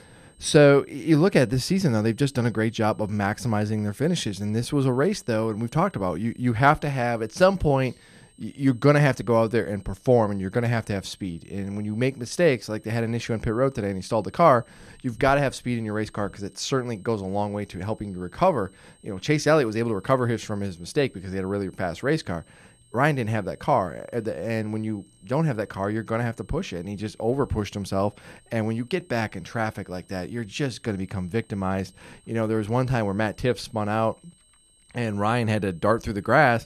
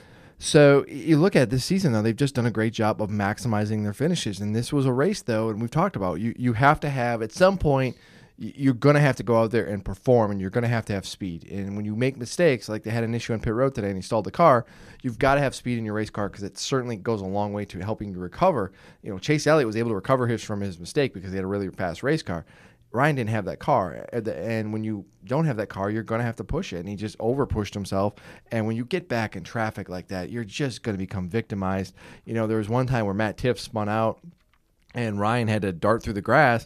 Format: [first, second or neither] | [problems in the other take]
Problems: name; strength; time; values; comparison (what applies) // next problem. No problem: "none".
second | high-pitched whine; faint; throughout; 8.5 kHz, 35 dB below the speech